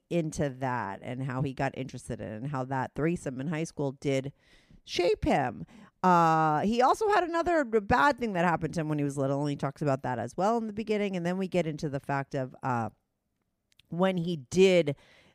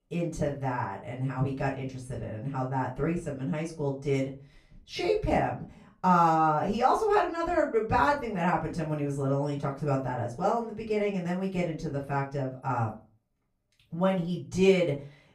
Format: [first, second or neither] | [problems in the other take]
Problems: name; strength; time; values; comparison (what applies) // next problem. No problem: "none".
first | off-mic speech; far // room echo; slight; dies away in 0.3 s